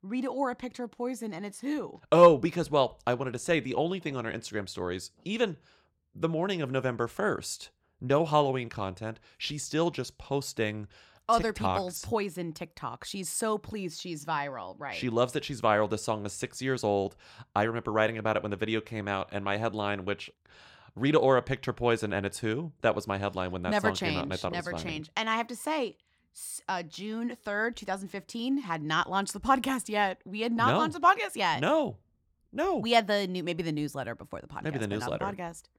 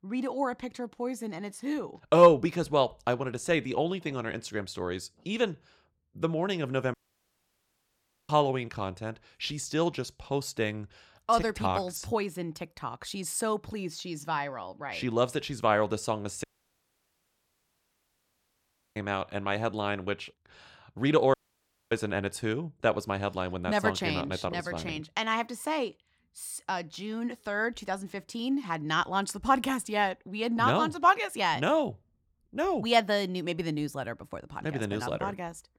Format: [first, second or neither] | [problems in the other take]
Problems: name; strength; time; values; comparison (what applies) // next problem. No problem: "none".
first | audio cutting out; at 7 s for 1.5 s, at 16 s for 2.5 s and at 21 s for 0.5 s